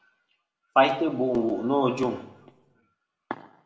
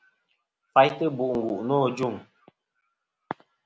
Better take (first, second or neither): second